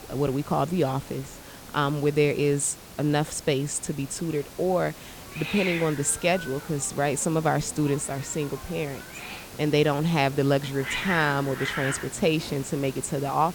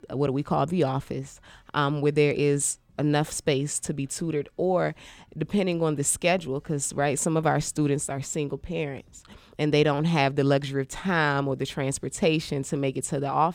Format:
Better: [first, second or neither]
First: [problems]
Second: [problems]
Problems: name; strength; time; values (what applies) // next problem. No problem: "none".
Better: second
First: hiss; noticeable; throughout; 10 dB below the speech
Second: none